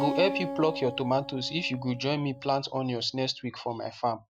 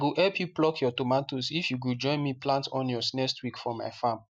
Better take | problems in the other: second | background sound (Acoustic guitar); 9 dB below the speech

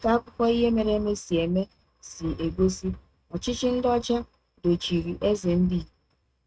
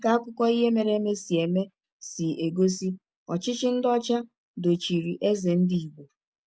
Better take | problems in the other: second | noise reduction (neural mask model RNNoise)

